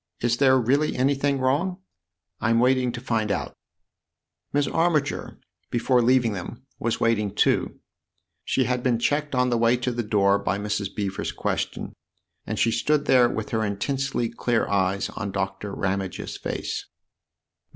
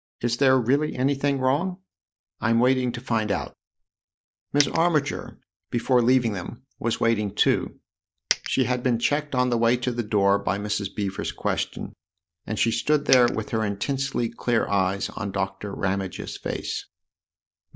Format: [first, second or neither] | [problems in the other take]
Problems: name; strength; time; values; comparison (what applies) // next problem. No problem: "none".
first | noise reduction (neural mask model DeepFilterNet 3)